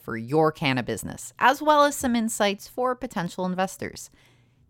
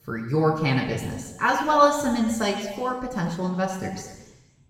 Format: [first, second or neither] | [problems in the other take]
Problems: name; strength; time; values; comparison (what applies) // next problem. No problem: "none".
first | room echo; noticeable; dies away in 1.2 s // off-mic speech; far